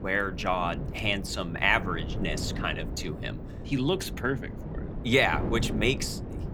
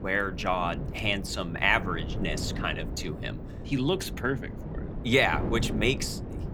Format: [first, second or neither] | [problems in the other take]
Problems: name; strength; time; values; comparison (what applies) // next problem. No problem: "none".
neither | wind noise on the microphone; occasional gusts; 15 dB below the speech; the same in both